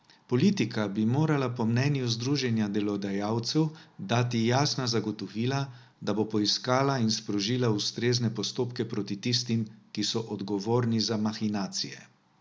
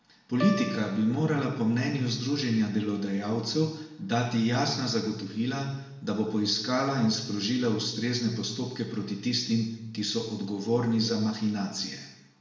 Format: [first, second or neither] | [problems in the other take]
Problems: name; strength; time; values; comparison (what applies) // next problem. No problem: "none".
first | background sound (Piano); 10 dB below the speech // room echo; dies away in 0.9 s